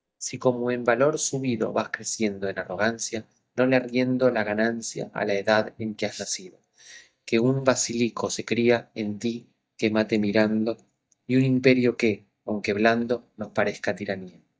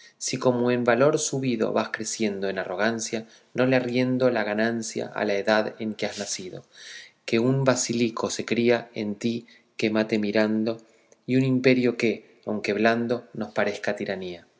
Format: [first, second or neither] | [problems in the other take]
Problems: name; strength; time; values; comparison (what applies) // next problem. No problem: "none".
second | noise reduction (neural mask model DeepFilterNet 3)